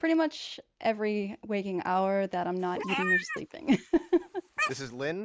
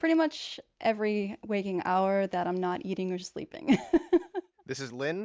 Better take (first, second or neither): second